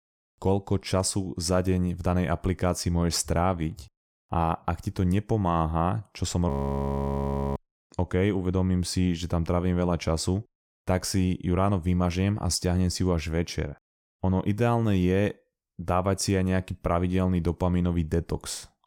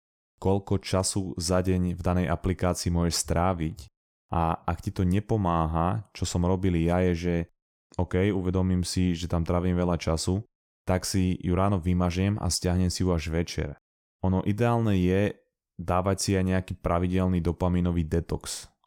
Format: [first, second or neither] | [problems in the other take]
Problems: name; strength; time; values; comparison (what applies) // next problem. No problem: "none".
second | audio freezing; at 6.5 s for 1 s